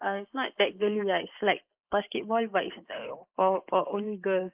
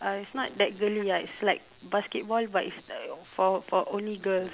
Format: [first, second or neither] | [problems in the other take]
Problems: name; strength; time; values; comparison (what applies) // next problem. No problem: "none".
second | noise reduction (neural mask model Resemble Enhance denoiser)